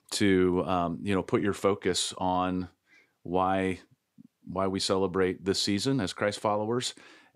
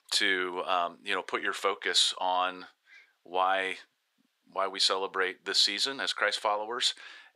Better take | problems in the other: first | thin; very; fading below 700 Hz

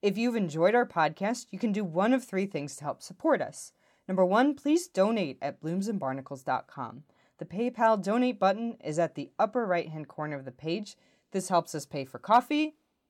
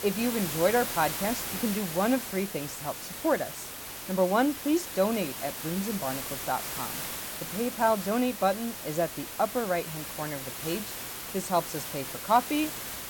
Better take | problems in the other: first | hiss; loud; throughout; 5 dB below the speech

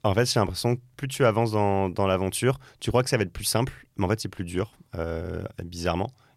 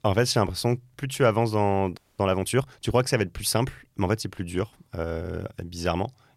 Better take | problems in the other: first | audio freezing; at 2 s

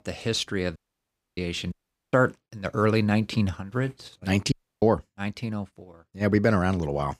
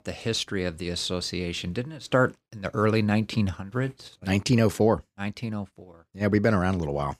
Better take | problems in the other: second | audio cutting out; at 1 s for 0.5 s, at 1.5 s and at 4.5 s

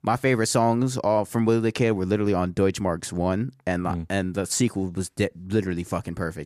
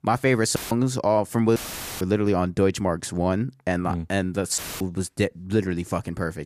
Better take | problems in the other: first | audio cutting out; filled with static; at 0.5 s, at 1.5 s and at 4.5 s

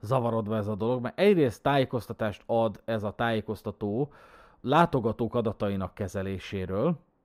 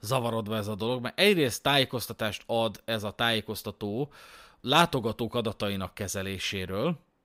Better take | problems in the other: second | muffled; very; fading above 2 kHz

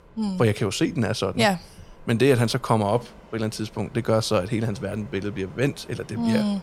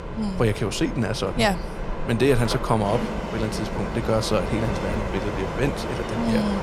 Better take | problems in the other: first | train or aircraft noise; loud; throughout; 5 dB below the speech; faint in the first

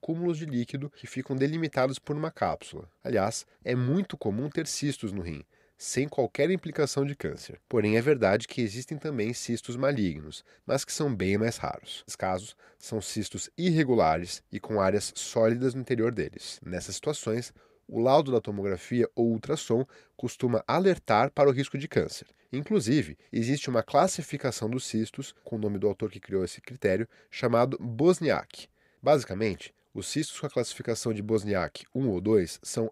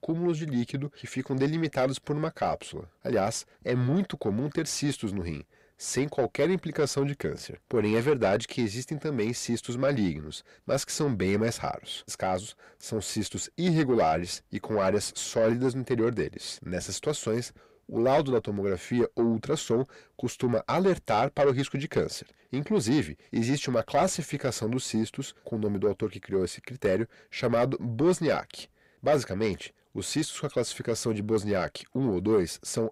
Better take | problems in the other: first | distortion; slight; 10 dB below the speech

